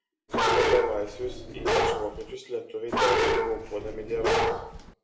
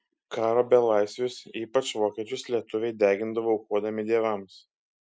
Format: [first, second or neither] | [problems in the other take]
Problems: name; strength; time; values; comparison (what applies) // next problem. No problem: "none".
second | background sound (Bark); 4 dB above the speech // room echo; dies away in 0.6 s